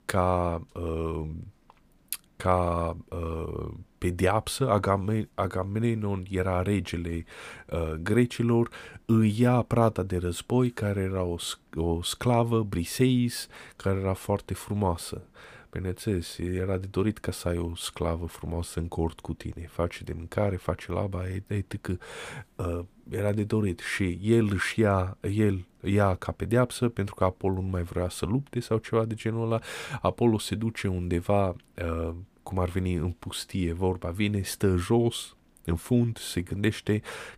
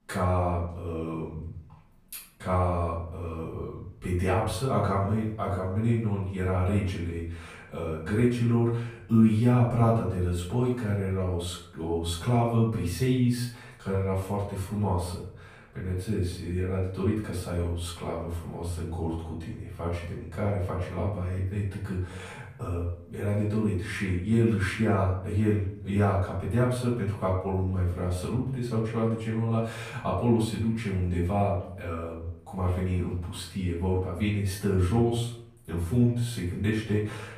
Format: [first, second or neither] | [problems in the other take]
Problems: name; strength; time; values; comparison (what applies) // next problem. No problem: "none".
first | off-mic speech; far // room echo; noticeable; dies away in 0.6 s